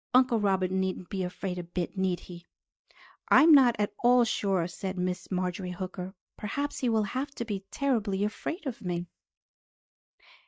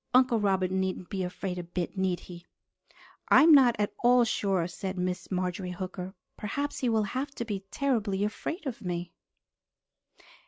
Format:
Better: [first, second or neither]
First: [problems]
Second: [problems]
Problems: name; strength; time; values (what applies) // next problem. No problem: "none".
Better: second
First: noise reduction (neural mask model DeepFilterNet 3)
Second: none